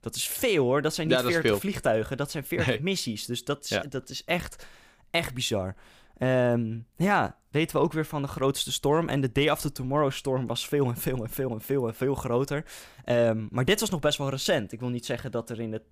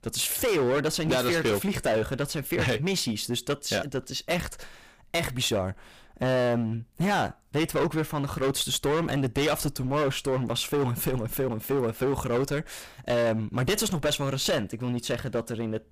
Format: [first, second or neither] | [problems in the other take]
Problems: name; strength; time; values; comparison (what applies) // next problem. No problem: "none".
first | distortion; heavy; 14% of the sound clipped